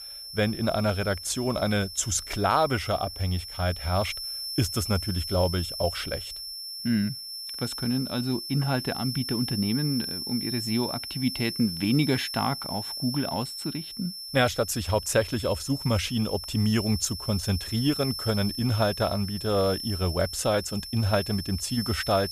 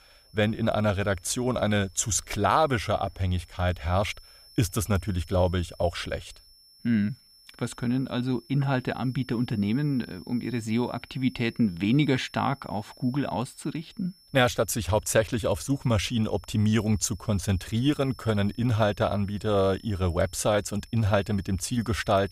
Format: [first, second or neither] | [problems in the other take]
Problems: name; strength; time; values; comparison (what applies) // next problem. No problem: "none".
second | high-pitched whine; loud; throughout; 5.5 kHz, 6 dB below the speech; faint in the second